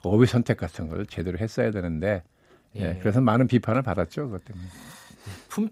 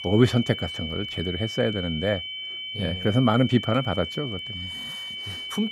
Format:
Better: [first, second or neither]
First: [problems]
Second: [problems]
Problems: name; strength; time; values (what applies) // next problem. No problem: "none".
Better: first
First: none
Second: high-pitched whine; loud; throughout; 3 kHz, 7 dB below the speech